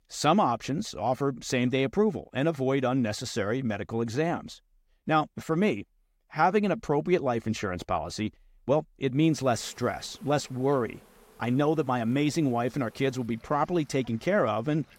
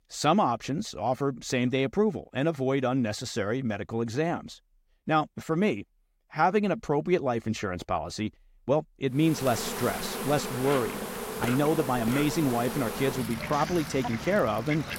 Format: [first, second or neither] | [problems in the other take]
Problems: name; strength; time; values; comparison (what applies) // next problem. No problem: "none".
first | animal sounds; loud; from 9.5 s on; 6 dB below the speech; faint in the first